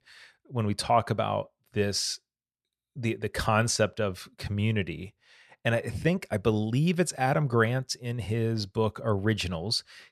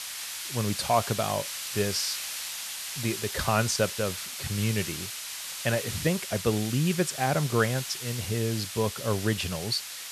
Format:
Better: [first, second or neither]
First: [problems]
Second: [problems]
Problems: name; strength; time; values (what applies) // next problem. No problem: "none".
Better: first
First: none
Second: hiss; loud; throughout; 5 dB below the speech